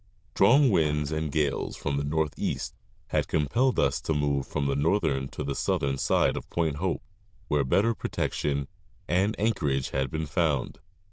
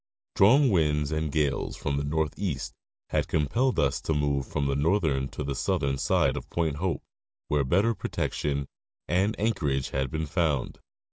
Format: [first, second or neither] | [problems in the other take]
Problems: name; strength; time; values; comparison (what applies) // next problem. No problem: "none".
second | noise reduction (neural diffusion model UNIVERSE++)